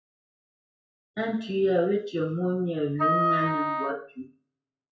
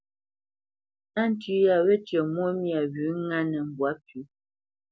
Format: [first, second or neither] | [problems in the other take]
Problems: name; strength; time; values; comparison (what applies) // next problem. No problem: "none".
second | noise reduction (classical method WPE with log-MMSE)